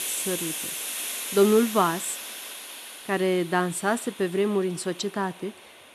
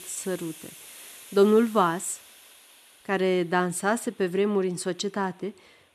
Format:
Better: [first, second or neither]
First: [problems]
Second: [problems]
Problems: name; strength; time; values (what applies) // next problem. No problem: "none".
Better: second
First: hiss; loud; throughout; 7 dB below the speech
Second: hiss; faint; throughout; 20 dB below the speech